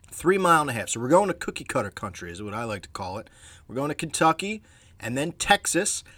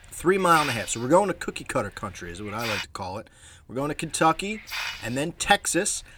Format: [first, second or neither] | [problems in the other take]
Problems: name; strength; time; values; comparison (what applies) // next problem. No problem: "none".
first | hiss; loud; until 3 s and from 4 s on; 8 dB below the speech